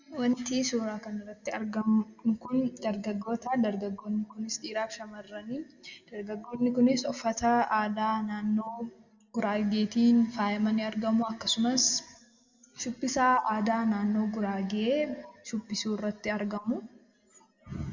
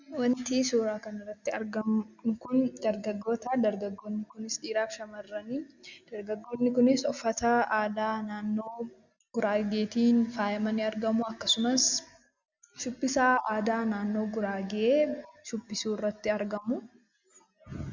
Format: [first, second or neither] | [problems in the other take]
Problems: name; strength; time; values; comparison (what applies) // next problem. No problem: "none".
second | room echo; dies away in 0.6 s